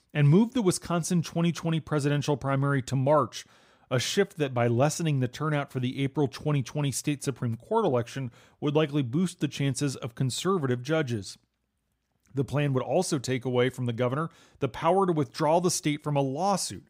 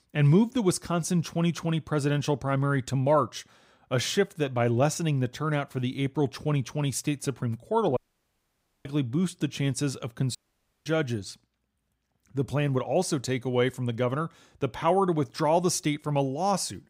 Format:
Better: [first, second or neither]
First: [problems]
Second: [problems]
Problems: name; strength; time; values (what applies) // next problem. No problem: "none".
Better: first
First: none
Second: audio cutting out; at 8 s for 1 s and at 10 s for 0.5 s